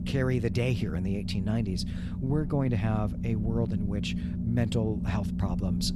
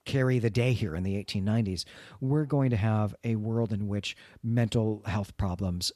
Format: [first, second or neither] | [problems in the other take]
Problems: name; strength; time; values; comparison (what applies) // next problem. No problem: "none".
second | low rumble; loud; throughout; 7 dB below the speech